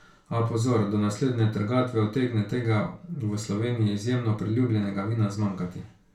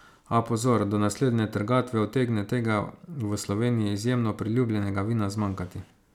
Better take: second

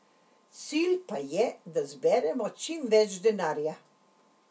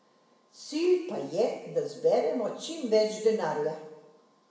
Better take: first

